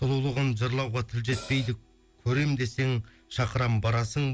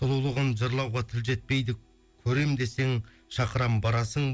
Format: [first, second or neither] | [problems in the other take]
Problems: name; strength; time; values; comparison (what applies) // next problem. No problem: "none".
second | background sound (Cymbal); 12 dB below the speech